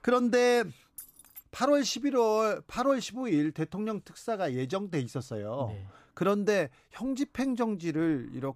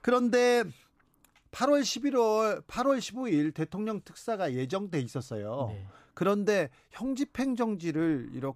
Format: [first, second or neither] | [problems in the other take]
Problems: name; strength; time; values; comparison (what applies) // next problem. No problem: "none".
second | jangling keys; faint; at 1 s; peak 15 dB below the speech